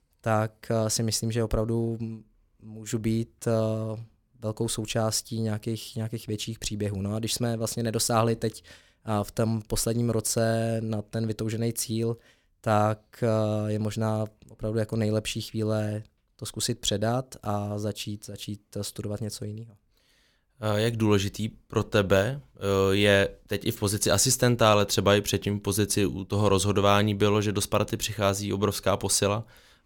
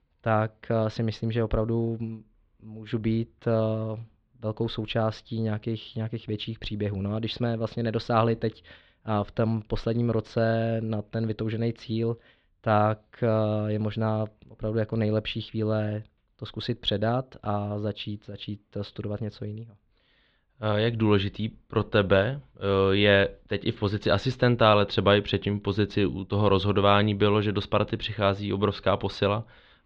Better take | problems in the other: first | muffled; very; fading above 3.5 kHz

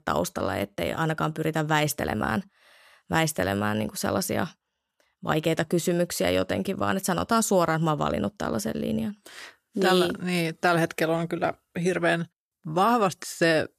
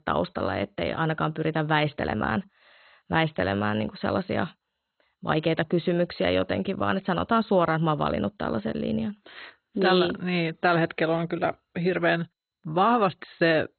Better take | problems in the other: first | garbled, watery; badly; nothing above 4 kHz

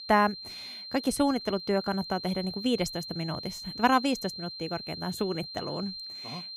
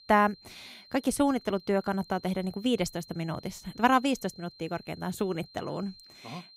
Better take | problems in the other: second | high-pitched whine; loud; throughout; 4 kHz, 8 dB below the speech; faint in the second

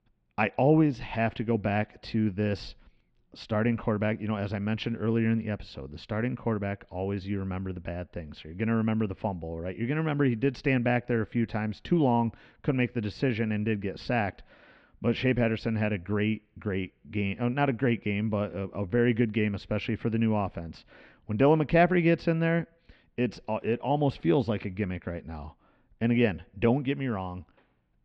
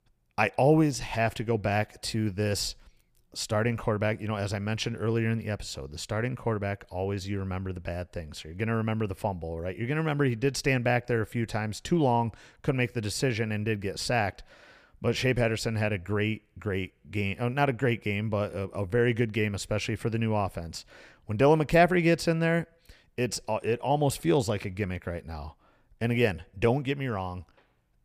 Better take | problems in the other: second | muffled; slightly; fading above 3.5 kHz

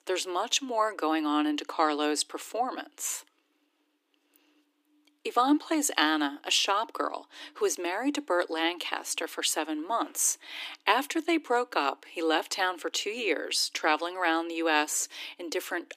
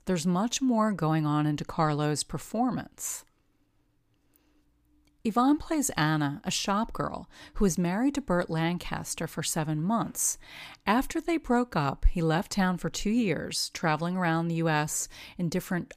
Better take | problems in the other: second | thin; somewhat; fading below 300 Hz

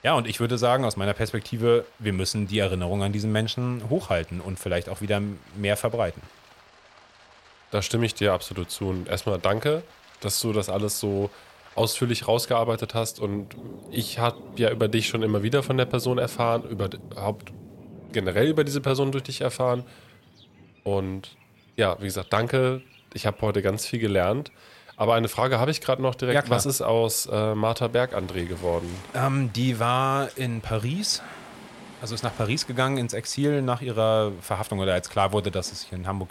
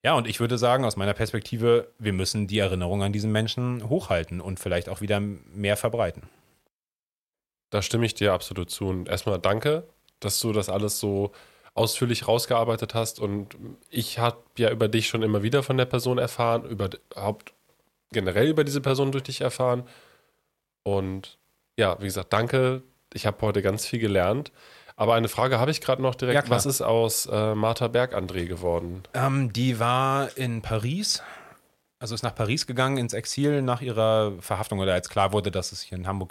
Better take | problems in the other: second | rain or running water; faint; throughout; 25 dB below the speech

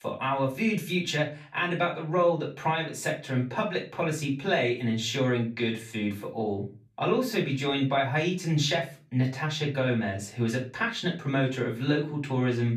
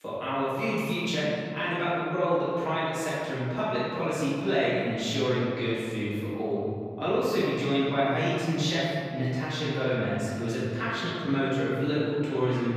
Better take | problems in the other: first | room echo; strong; dies away in 2.5 s; slight in the first // off-mic speech; far; far in the first

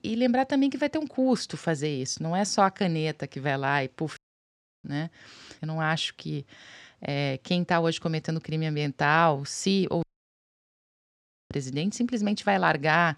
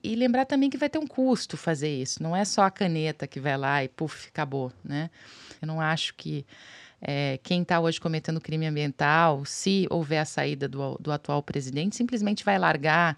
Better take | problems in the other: second | audio cutting out; at 4 s for 0.5 s and at 10 s for 1.5 s

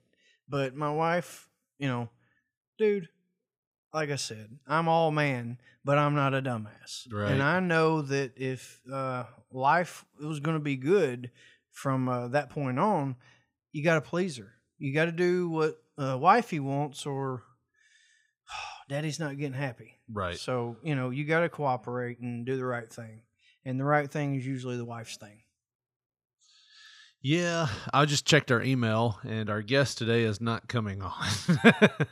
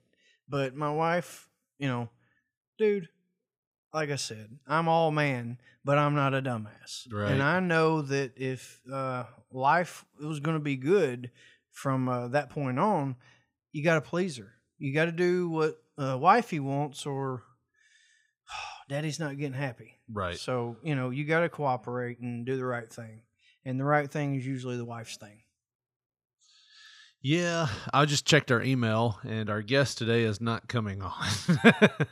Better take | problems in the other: neither | none

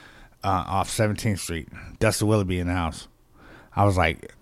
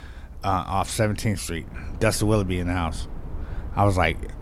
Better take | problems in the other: first | low rumble; faint; throughout; 20 dB below the speech

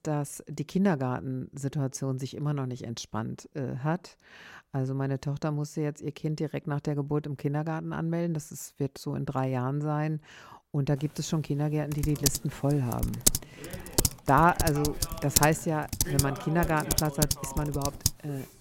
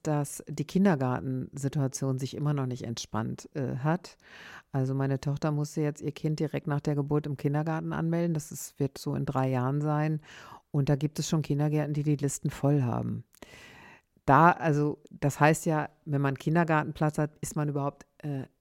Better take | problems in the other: second | keyboard typing; loud; from 12 to 18 s; peak 5 dB above the speech

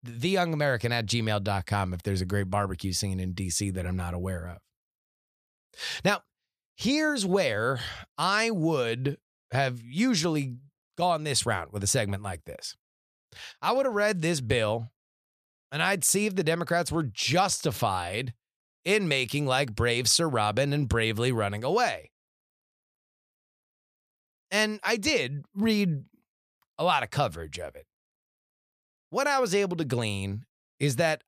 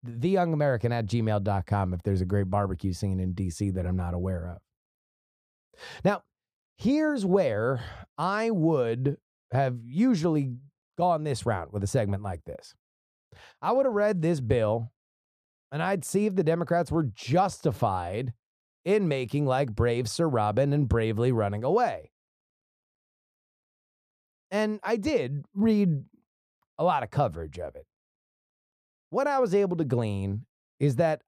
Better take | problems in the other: first | muffled; slightly; fading above 1.5 kHz

